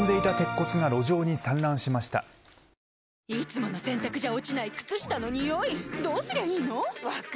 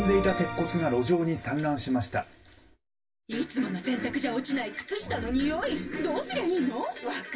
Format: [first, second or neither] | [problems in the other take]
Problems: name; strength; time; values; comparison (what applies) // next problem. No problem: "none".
first | room echo; dies away in 0.1 s